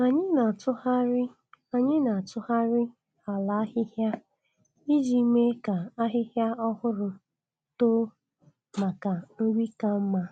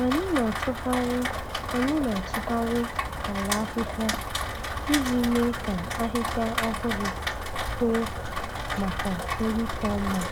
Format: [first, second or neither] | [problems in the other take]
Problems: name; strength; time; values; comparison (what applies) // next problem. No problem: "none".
first | background sound (Rain); 2 dB below the speech